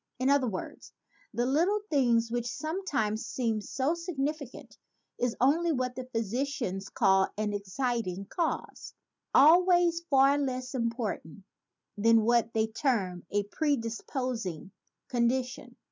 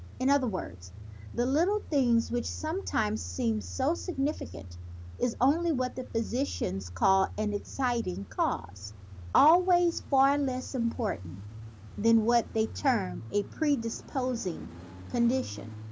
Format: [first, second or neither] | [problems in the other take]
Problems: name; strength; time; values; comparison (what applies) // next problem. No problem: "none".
first | background sound (Idling / Engine starting / Accelerating, revving, vroom / Car); 14 dB below the speech